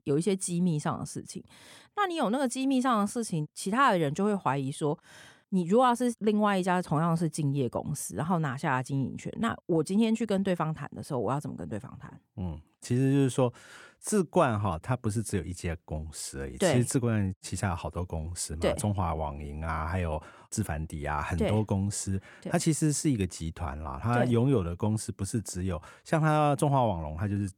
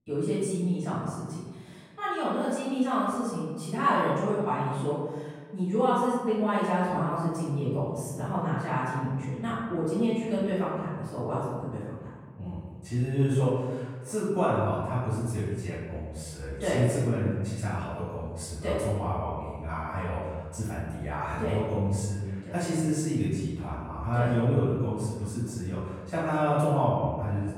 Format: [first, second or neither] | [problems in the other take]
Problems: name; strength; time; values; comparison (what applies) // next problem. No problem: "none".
first | off-mic speech; far // room echo; strong; dies away in 1.4 s